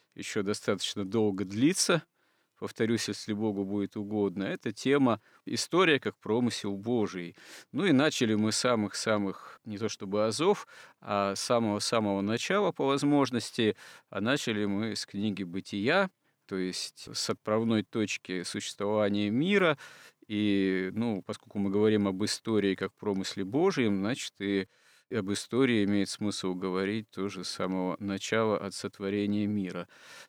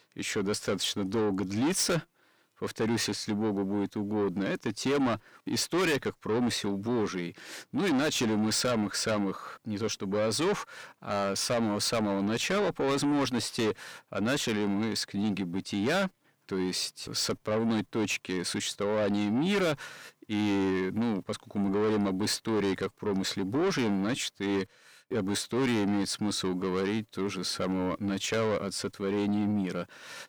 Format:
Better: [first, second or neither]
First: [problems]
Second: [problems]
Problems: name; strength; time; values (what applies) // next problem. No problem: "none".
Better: first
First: none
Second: distortion; heavy; 7 dB below the speech